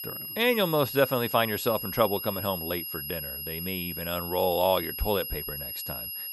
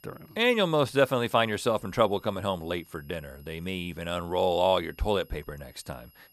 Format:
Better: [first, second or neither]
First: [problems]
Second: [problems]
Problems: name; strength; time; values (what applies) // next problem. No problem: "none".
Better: second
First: high-pitched whine; loud; throughout; 11.5 kHz, 6 dB below the speech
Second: high-pitched whine; faint; throughout; 11.5 kHz, 30 dB below the speech